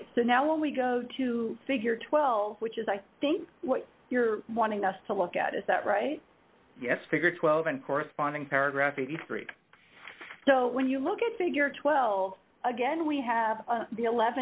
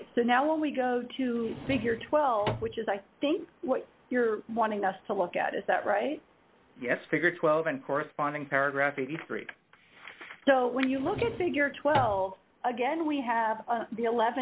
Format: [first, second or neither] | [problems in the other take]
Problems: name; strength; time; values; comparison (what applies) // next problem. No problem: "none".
first | background sound (Finger snapping + Drawer open or close); 9 dB below the speech